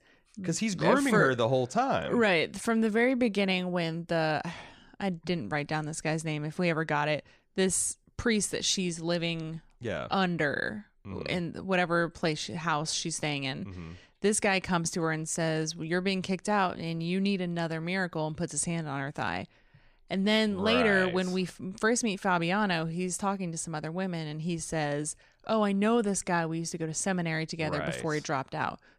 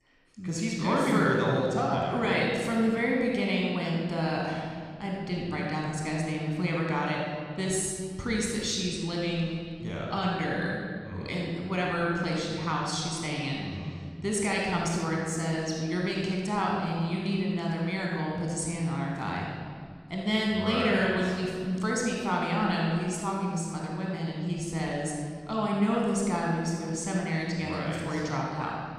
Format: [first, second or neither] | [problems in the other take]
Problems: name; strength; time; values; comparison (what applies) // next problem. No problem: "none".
first | room echo; strong; dies away in 2.1 s // off-mic speech; somewhat distant